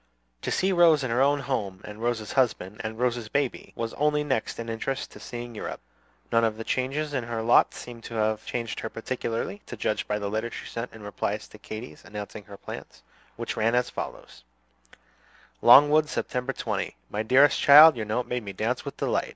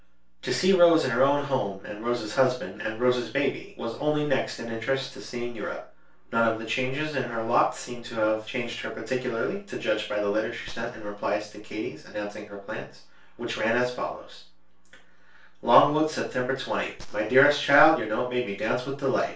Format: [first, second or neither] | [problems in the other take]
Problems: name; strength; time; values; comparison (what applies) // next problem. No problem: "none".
first | background sound (Gunshot, gunfire); 15 dB below the speech // room echo; dies away in 0.3 s